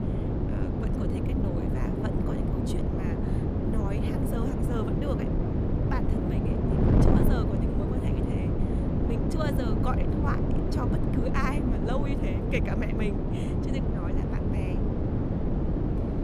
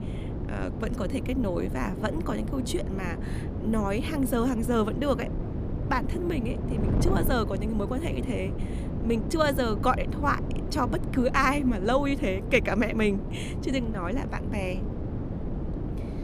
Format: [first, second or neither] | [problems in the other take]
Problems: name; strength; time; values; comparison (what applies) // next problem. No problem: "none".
second | wind noise on the microphone; heavy; 3 dB above the speech; occasional gusts in the second